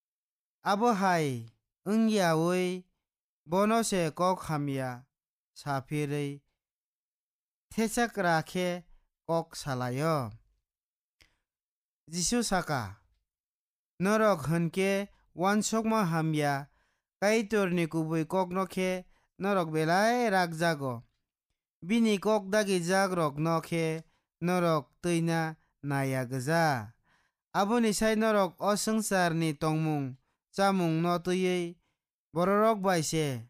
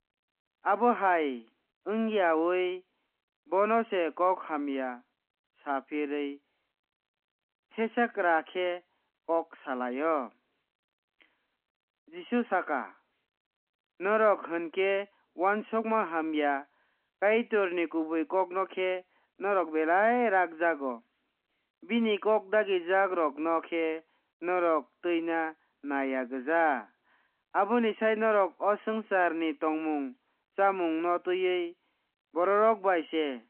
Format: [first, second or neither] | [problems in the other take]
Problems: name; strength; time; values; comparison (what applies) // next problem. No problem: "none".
first | phone-call audio